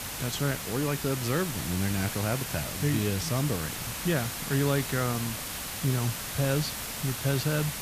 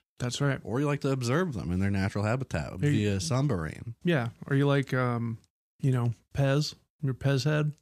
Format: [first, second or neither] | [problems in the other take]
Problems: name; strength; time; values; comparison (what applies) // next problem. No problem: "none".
second | hiss; loud; throughout; 3 dB below the speech